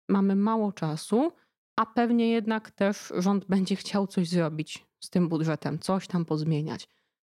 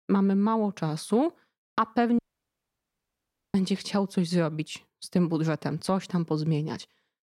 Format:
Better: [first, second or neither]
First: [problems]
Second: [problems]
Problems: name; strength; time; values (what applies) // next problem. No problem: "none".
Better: first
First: none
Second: audio cutting out; at 2 s for 1.5 s